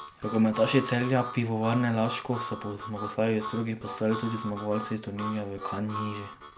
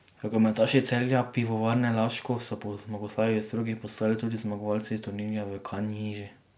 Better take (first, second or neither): second